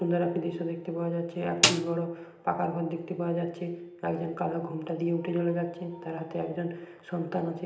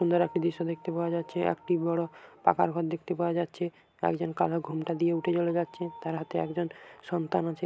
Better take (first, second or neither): second